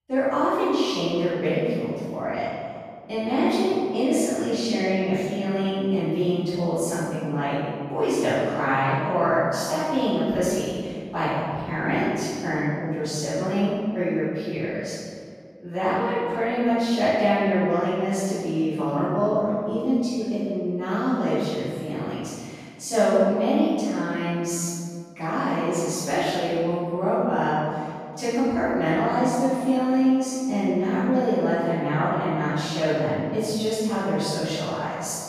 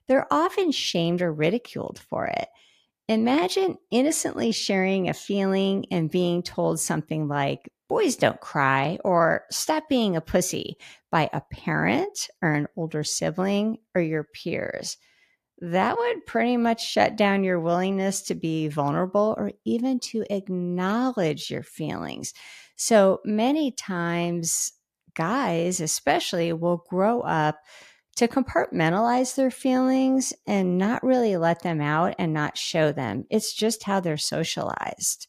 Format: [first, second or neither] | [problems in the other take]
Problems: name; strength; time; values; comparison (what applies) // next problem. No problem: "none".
second | off-mic speech; far // room echo; strong; dies away in 1.9 s